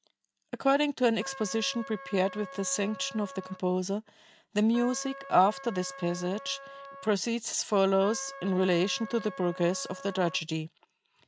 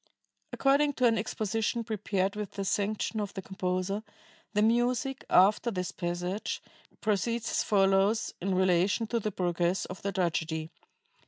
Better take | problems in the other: second | background sound (Trumpet); 16 dB below the speech

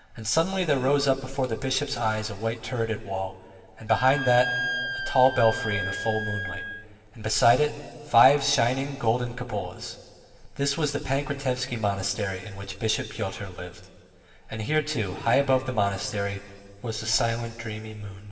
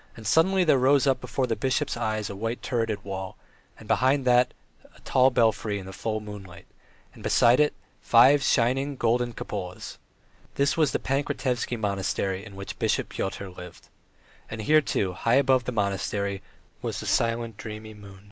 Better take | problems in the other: second | background sound (Wind instrument, woodwind instrument); 5 dB below the speech // room echo; dies away in 1.9 s

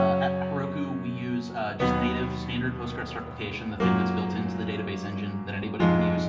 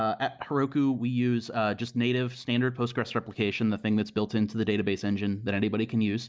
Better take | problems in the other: second | background sound (Piano); 4 dB above the speech // room echo; dies away in 0.6 s

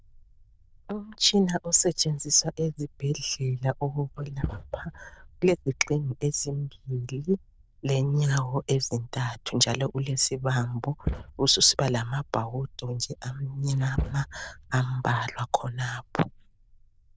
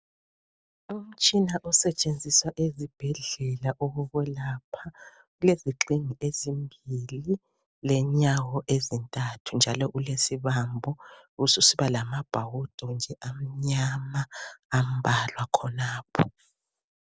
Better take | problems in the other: second | noise reduction (neural diffusion model UNIVERSE++)

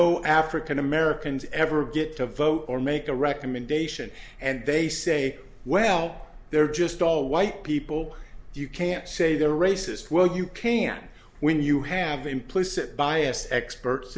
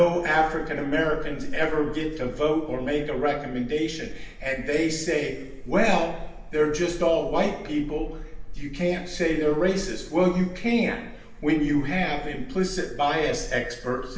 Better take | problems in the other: first | room echo; dies away in 0.9 s

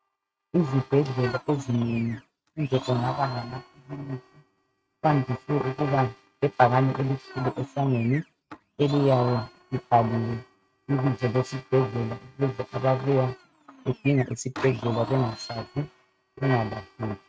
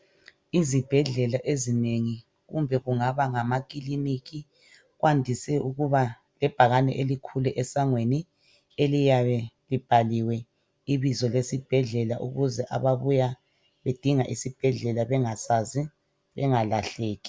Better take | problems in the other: second | noise reduction (neural mask model RNNoise)

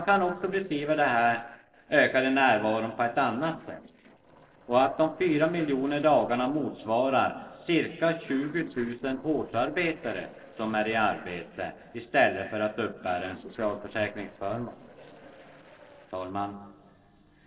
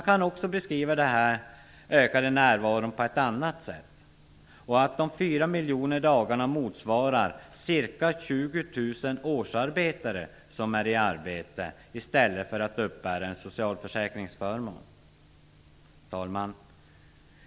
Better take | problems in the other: second | noise reduction (neural separator model SepFormer DNS4)

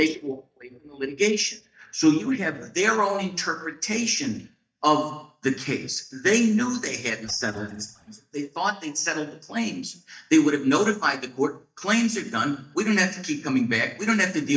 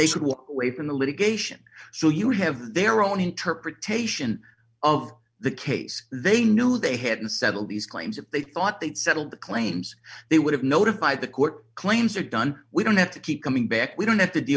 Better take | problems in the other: second | noise reduction (neural mask model DeepFilterNet 3)

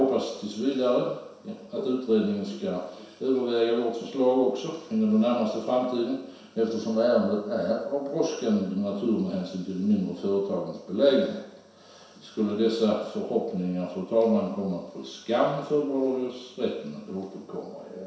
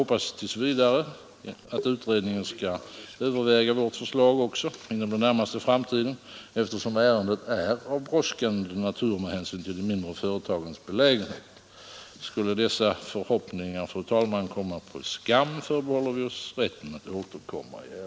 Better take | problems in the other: second | room echo; dies away in 0.7 s

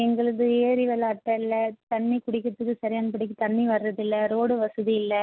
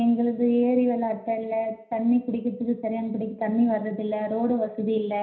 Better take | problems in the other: first | room echo; dies away in 0.5 s

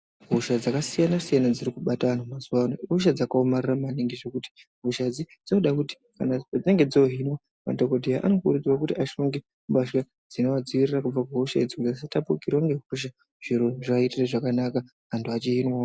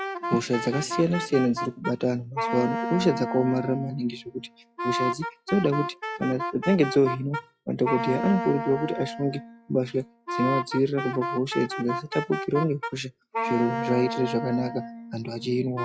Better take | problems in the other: first | noise reduction (classical method log-MMSE)

